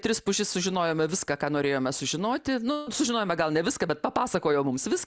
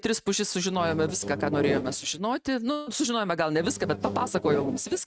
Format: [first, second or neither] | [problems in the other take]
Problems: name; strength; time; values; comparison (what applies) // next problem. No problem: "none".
first | noise reduction (neural mask model RNNoise)